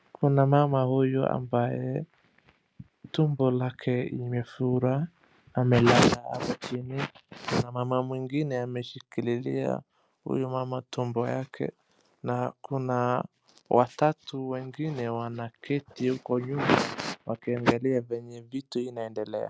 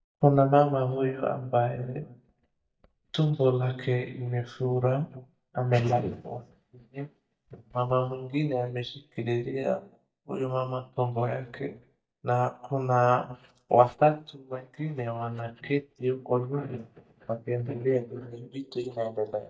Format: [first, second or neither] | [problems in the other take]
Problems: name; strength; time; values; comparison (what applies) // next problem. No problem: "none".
first | noise reduction (neural mask model DeepFilterNet 3)